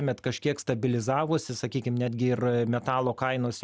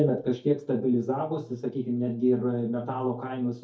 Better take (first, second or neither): first